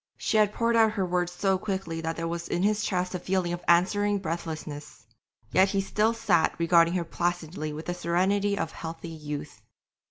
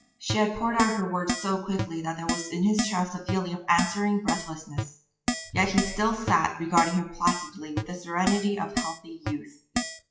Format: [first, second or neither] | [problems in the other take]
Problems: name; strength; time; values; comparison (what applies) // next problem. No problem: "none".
first | noise reduction (classical method WPE with log-MMSE)